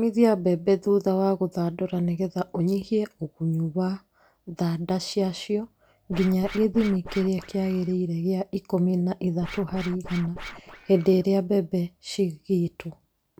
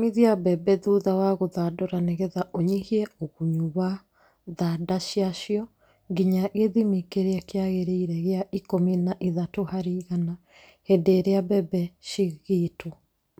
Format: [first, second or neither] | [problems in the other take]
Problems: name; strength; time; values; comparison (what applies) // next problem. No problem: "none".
second | background sound (Scratching (performance technique)); 15 dB below the speech